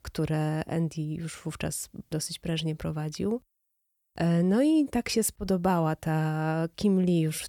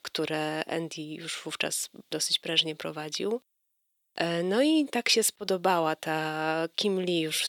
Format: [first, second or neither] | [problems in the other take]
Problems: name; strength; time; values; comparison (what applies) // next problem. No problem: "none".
first | thin; somewhat; fading below 400 Hz